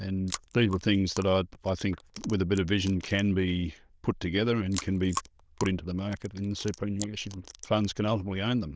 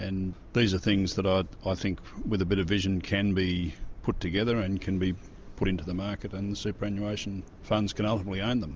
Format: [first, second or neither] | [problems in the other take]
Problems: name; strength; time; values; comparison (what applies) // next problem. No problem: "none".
second | noise reduction (neural diffusion model UNIVERSE++)